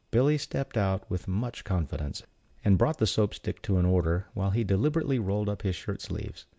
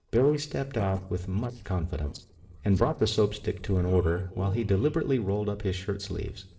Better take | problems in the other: first | noise reduction (neural separator model SepFormer DNS4)

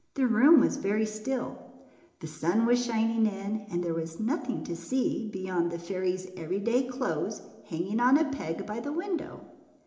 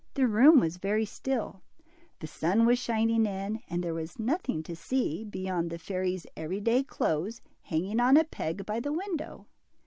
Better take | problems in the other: second | room echo; dies away in 0.8 s

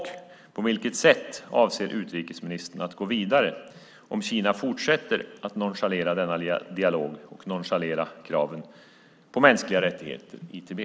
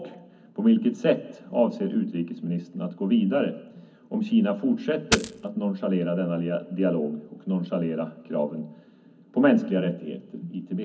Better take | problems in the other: first | background sound (Coin (dropping)); 1 dB below the speech // room echo; dies away in 0.4 s

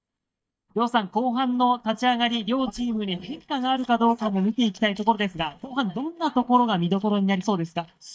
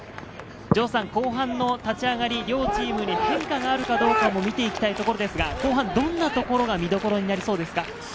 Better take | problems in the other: second | noise reduction (neural mask model DeepFilterNet 3)

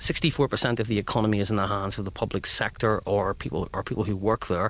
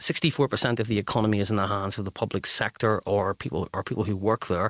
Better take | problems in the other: second | background sound (Bicycle); 18 dB below the speech

